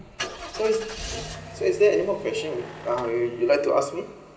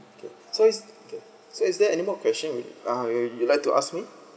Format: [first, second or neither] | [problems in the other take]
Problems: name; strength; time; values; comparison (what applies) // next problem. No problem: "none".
second | background sound (Engine starting / Car); 13 dB below the speech // room echo; dies away in 0.5 s